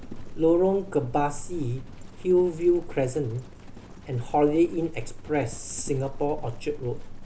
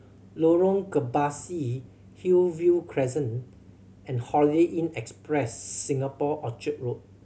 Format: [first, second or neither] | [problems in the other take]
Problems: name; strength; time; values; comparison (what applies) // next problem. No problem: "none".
second | background sound (Livestock, farm animals, working animals); 10 dB below the speech